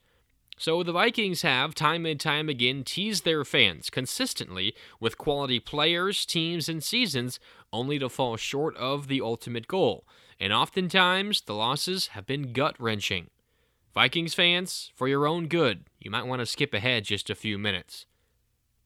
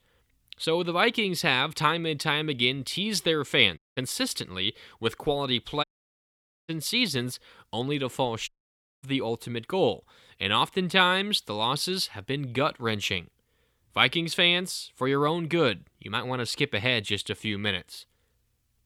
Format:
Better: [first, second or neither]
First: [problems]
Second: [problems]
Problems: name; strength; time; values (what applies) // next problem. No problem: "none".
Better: first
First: none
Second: audio cutting out; at 4 s, at 6 s for 1 s and at 8.5 s for 0.5 s